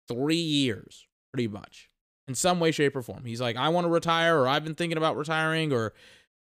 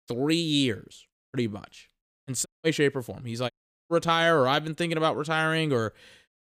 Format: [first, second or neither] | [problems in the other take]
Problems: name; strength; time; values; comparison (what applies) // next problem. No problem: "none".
first | audio cutting out; at 2.5 s and at 3.5 s